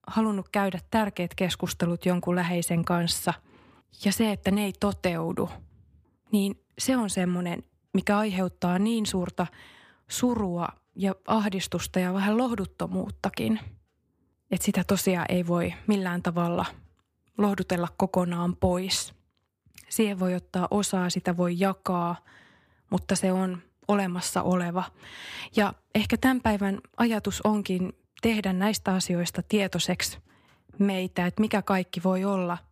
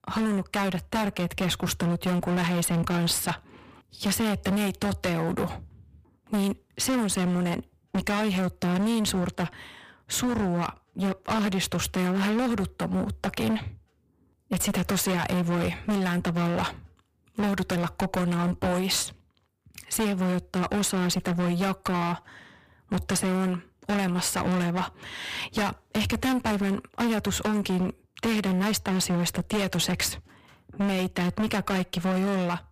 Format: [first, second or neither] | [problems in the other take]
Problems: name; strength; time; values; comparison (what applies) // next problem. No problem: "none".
first | distortion; heavy; 27% of the sound clipped